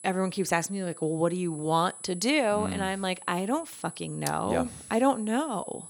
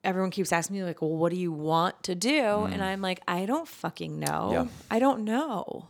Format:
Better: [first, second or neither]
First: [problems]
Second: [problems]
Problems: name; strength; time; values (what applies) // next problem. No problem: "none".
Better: second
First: high-pitched whine; noticeable; throughout; 10 kHz, 15 dB below the speech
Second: none